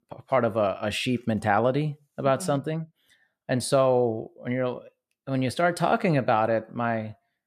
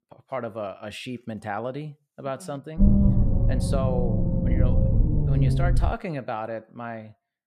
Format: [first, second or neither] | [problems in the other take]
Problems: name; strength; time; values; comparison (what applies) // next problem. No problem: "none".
first | low rumble; loud; from 3 to 6 s; as loud as the speech